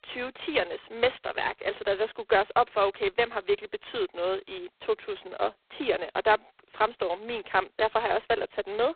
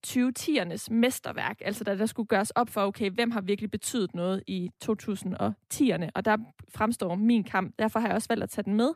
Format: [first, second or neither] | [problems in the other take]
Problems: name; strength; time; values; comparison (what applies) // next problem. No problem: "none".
second | phone-call audio; poor line; nothing above 4 kHz